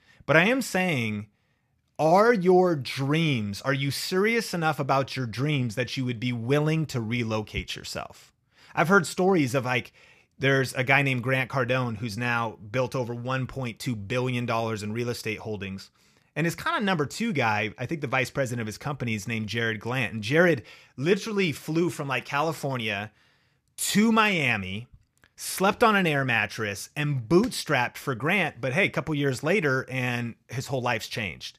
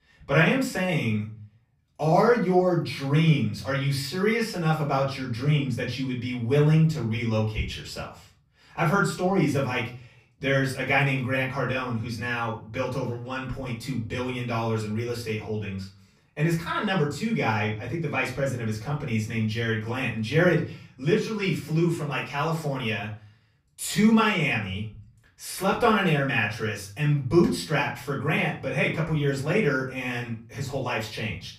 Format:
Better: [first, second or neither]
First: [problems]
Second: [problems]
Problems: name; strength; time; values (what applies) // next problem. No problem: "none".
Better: first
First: none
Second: off-mic speech; far // room echo; slight; dies away in 0.4 s